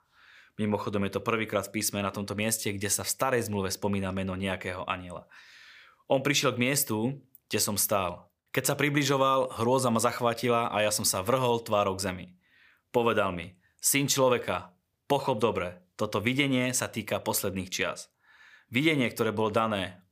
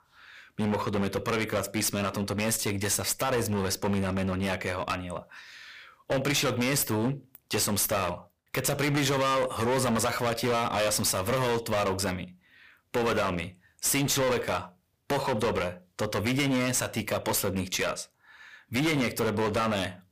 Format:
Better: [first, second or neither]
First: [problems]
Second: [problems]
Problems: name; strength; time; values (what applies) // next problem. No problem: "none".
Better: first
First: none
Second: distortion; heavy; 21% of the sound clipped